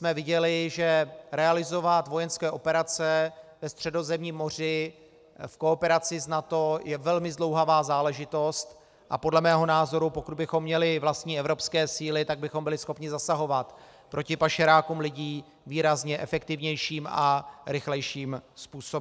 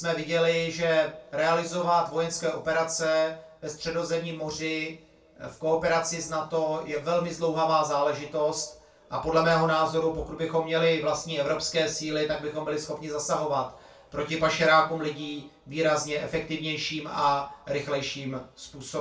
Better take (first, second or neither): first